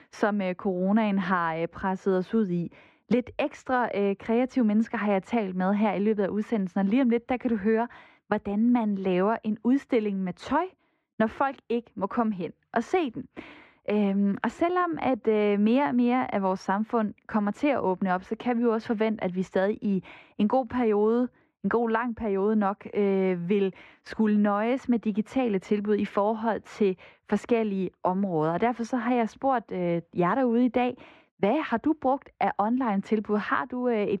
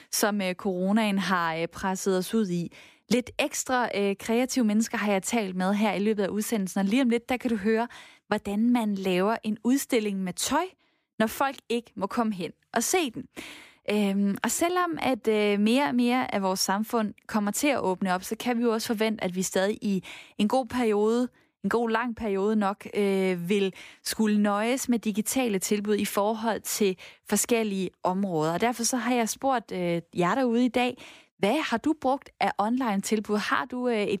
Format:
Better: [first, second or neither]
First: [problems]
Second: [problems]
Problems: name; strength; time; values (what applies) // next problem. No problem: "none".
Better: second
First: muffled; very; fading above 2 kHz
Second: none